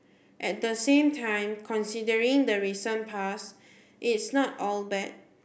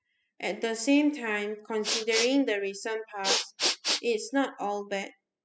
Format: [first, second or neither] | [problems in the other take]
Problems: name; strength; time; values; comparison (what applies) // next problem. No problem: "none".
first | noise reduction (classical method spectral subtraction)